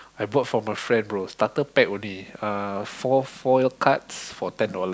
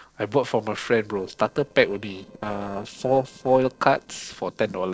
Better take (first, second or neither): first